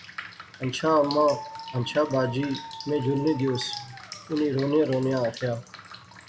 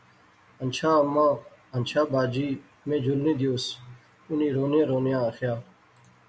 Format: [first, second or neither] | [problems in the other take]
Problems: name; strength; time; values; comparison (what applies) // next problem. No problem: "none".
second | background sound (Drip + Dog); 14 dB below the speech